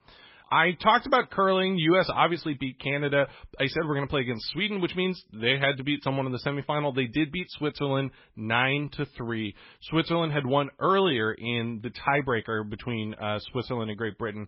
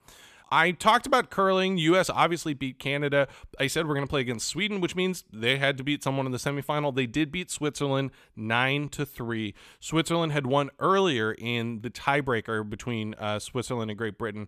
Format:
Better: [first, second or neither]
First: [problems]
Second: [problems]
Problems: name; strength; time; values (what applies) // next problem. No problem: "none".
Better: second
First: garbled, watery; badly; nothing above 5.5 kHz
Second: none